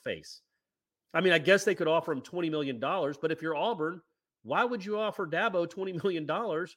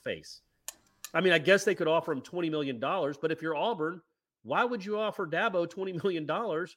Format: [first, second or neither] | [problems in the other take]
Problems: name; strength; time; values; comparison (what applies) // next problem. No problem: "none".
first | alarm; faint; at 0.5 s; peak 15 dB below the speech